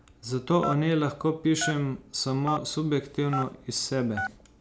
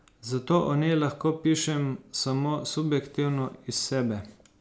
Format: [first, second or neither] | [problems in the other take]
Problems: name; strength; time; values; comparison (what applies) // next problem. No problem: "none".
second | background sound (Telephone); 10 dB below the speech